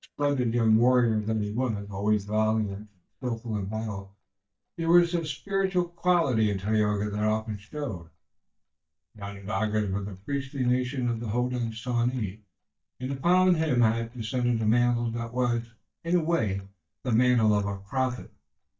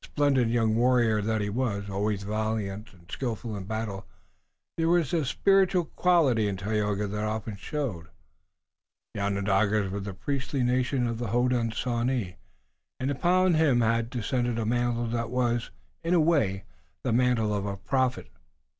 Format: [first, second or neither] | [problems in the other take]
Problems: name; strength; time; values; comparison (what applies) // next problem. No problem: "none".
second | noise reduction (neural mask model DeepFilterNet 3)